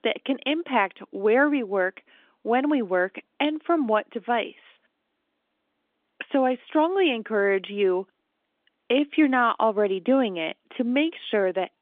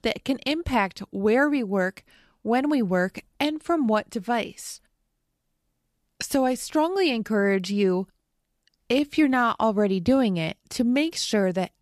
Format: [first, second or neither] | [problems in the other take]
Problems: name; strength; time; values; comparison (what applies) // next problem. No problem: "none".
second | phone-call audio; nothing above 3.5 kHz